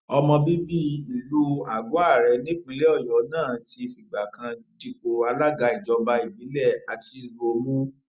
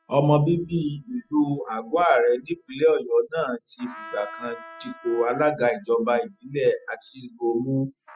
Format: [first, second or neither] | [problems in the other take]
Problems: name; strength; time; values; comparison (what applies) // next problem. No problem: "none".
first | noise reduction (classical method spectral subtraction)